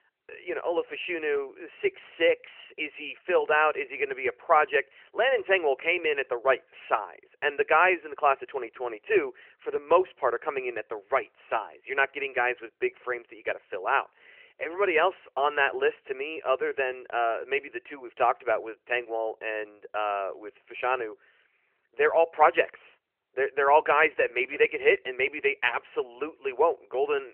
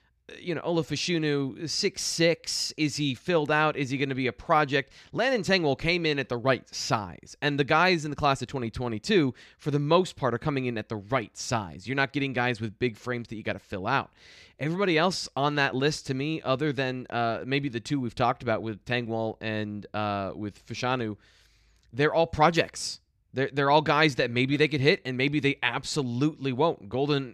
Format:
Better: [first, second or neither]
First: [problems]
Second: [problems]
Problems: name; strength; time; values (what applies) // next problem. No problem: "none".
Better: second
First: phone-call audio; nothing above 3 kHz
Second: none